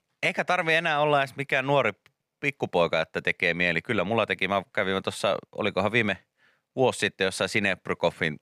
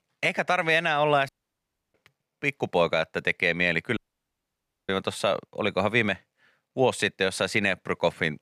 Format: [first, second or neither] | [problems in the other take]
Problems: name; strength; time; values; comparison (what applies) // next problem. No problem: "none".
first | audio cutting out; at 1.5 s for 0.5 s and at 4 s for 1 s